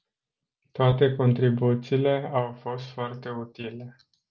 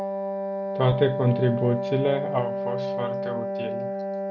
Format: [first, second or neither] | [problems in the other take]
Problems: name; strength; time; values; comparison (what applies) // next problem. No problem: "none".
first | background sound (Wind instrument, woodwind instrument); 2 dB below the speech